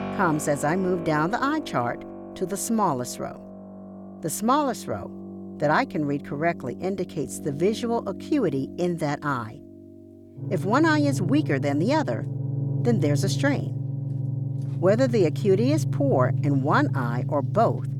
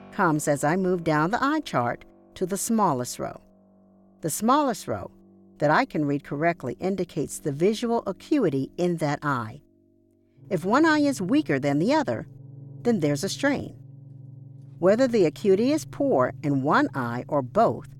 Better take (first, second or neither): second